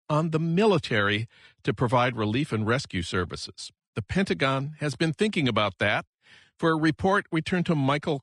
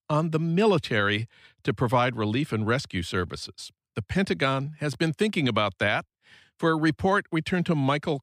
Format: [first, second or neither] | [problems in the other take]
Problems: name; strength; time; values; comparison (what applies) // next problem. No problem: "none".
second | garbled, watery; slightly